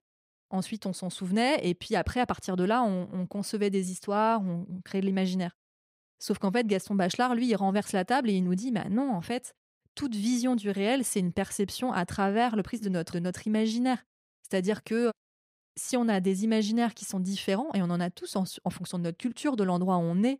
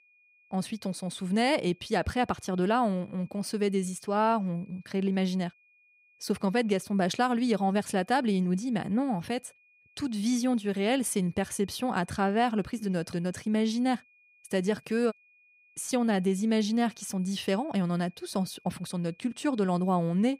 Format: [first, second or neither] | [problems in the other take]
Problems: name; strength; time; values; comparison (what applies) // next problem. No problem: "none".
first | high-pitched whine; faint; throughout; 2.5 kHz, 30 dB below the speech